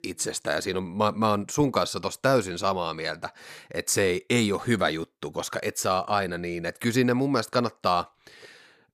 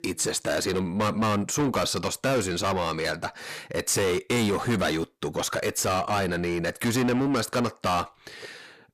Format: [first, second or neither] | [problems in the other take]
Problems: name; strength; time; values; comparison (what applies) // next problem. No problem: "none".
first | distortion; heavy; 6 dB below the speech